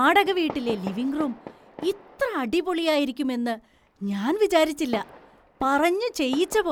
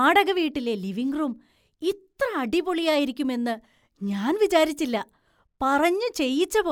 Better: second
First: background sound (Fireworks); 17 dB below the speech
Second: none

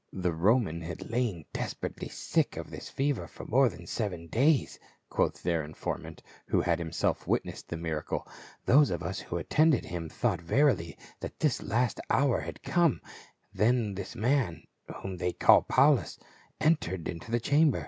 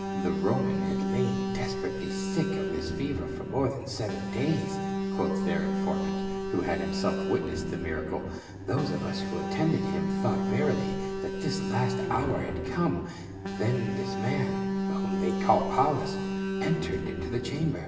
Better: first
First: none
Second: background sound (Alarm); as loud as the speech // room echo; dies away in 1.1 s

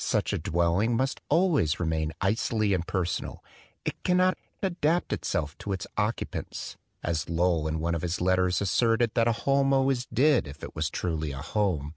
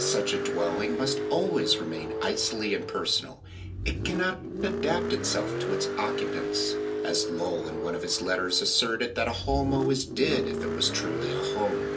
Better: first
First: none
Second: background sound (Car); 2 dB below the speech // room echo; dies away in 0.3 s

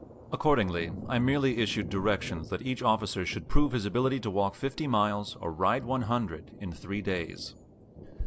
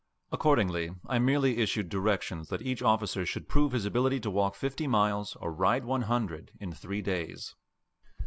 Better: second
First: background sound (Thunder); 16 dB below the speech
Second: none

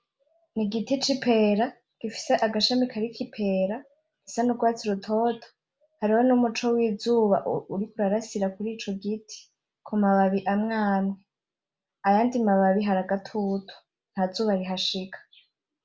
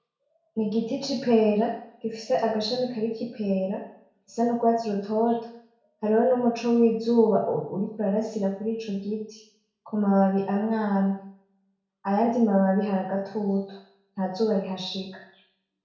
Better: first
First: none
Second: room echo; dies away in 0.6 s

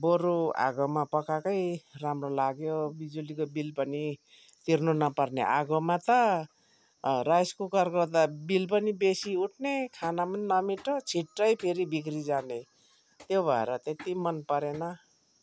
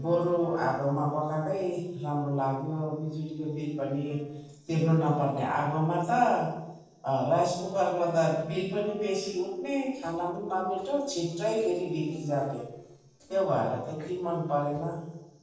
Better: first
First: none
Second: noise reduction (neural separator model SepFormer DNS4)

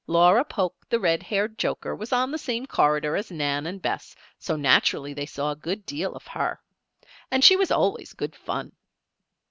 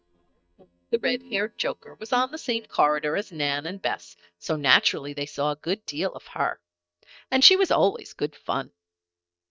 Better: first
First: none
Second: noise reduction (neural mask model DeepFilterNet 3)

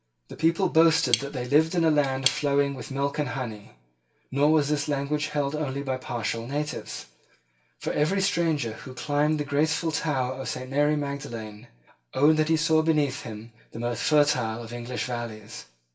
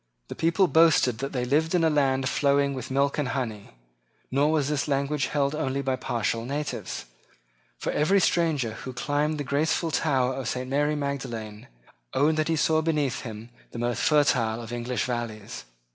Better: second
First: background sound (Cutlery, silverware / Tap); 8 dB below the speech // room echo; dies away in 0.2 s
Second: none

